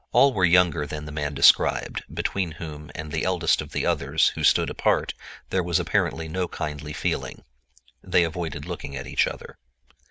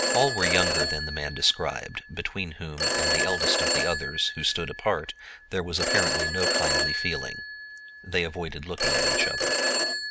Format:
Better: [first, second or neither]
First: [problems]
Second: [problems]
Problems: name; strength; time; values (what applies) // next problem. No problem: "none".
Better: first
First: none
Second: background sound (Telephone); 2 dB above the speech